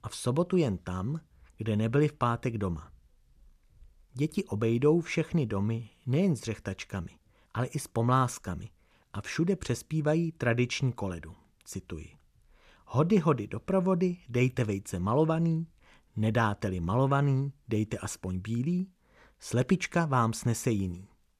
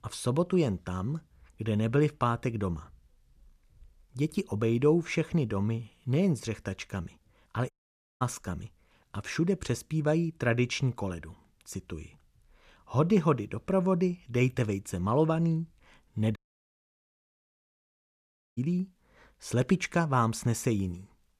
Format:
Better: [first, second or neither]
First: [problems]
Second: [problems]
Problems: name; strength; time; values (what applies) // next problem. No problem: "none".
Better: first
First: none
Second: audio cutting out; at 7.5 s and at 16 s for 2 s